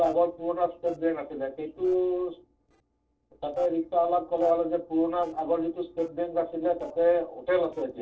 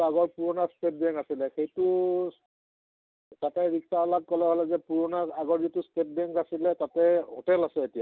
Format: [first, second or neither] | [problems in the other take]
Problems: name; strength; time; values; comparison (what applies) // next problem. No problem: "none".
second | noise reduction (neural separator model SepFormer DNS4)